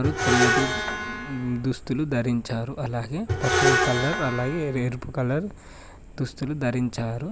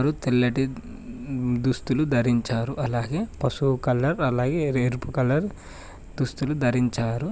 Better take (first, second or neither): second